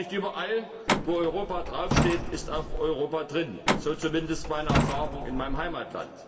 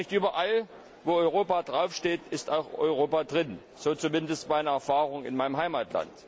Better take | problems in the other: second | background sound (Truck); 1 dB above the speech // room echo; dies away in 1.8 s

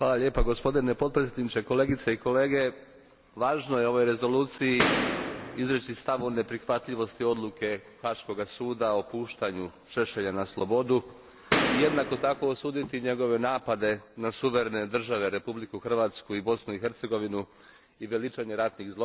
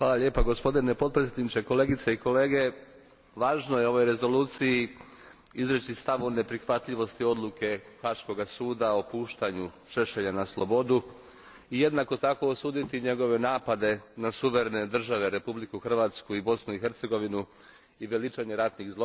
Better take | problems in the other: second | background sound (Boom); as loud as the speech

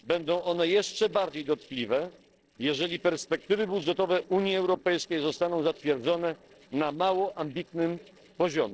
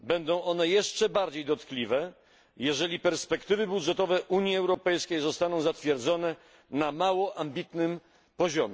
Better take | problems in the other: second | noise reduction (neural separator model SepFormer DNS4)

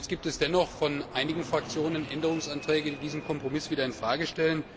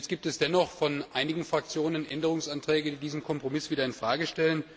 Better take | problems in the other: second | background sound (Fixed-wing aircraft, airplane); 13 dB below the speech

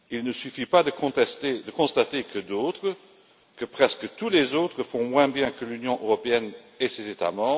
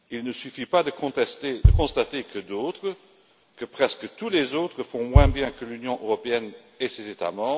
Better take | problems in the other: first | background sound (Bass drum); 3 dB above the speech

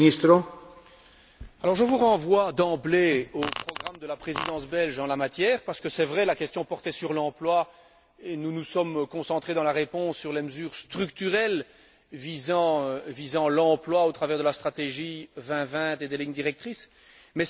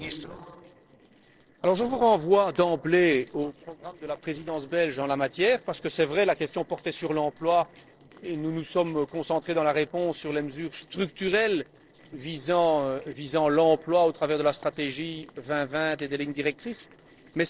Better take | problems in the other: first | noise reduction (neural separator model SepFormer DNS4)

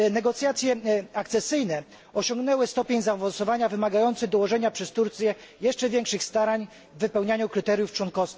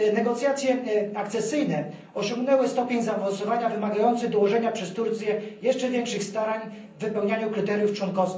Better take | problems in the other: first | room echo; dies away in 0.6 s

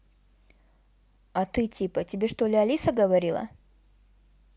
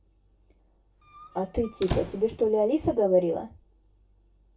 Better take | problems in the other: first | background sound (Squeak); 10 dB below the speech // room echo; dies away in 0.2 s

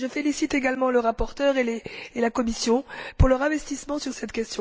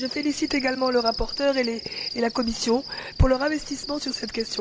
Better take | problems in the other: first | background sound (Cricket); 11 dB below the speech

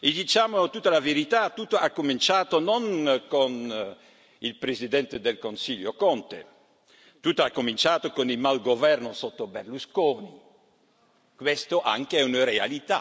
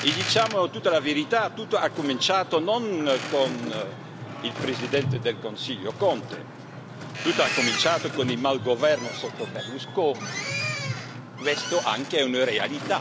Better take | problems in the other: first | background sound (Boat, Water vehicle); 7 dB below the speech

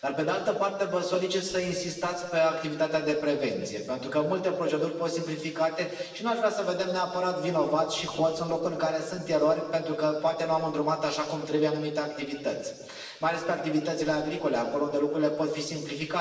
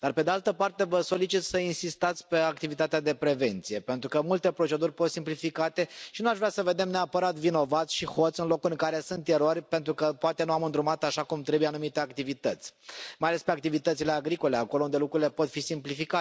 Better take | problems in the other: second | room echo; dies away in 1.3 s

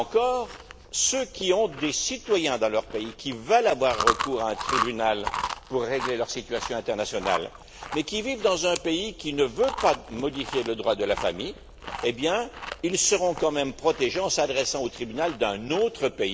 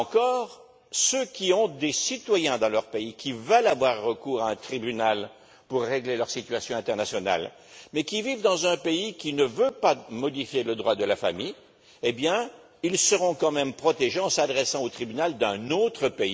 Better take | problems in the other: second | background sound (Chewing, mastication); 9 dB below the speech

